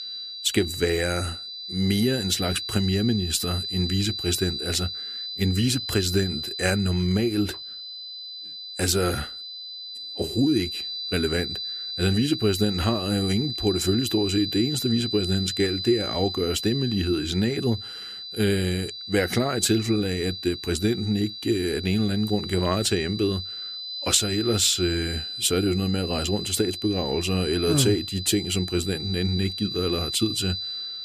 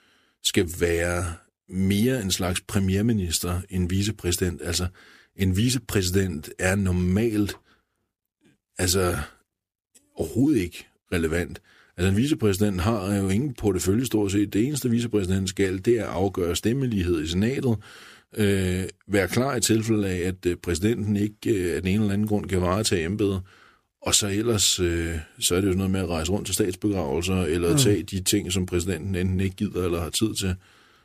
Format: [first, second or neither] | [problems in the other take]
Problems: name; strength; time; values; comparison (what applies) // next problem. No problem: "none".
second | high-pitched whine; loud; throughout; 4 kHz, 6 dB below the speech